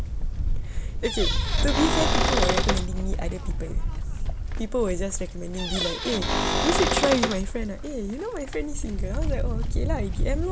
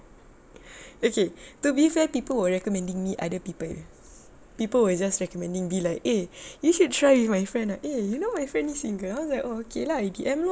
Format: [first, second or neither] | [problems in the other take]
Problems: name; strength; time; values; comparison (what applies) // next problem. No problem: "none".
second | background sound (Livestock, farm animals, working animals + Cupboard open or close / Door); 5 dB above the speech